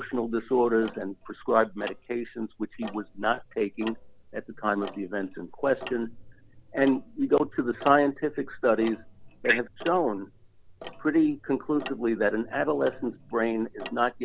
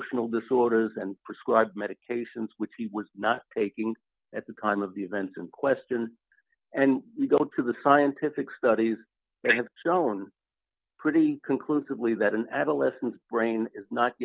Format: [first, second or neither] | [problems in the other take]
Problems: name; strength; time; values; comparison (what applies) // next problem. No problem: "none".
second | background sound (Tick-tock); 16 dB below the speech